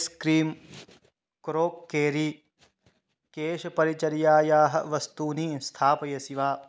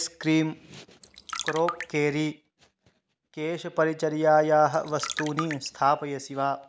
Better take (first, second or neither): first